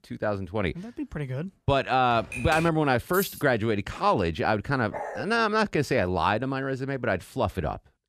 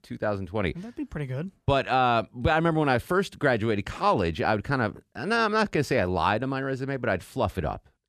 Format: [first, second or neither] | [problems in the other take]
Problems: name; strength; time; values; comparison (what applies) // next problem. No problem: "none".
second | keyboard typing; noticeable; at 2 s; peak 6 dB below the speech // jangling keys; noticeable; at 3 s; peak 8 dB below the speech // dog barking; noticeable; at 5 s; peak 9 dB below the speech